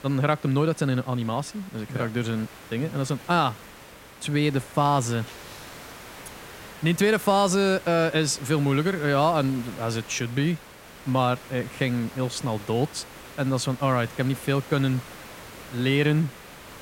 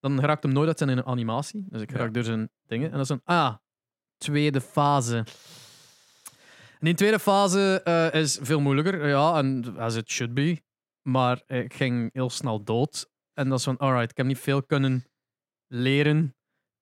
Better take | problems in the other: second | hiss; noticeable; throughout; 15 dB below the speech

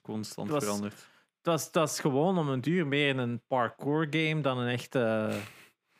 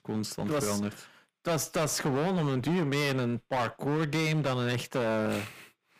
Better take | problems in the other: first | distortion; heavy; 20% of the sound clipped

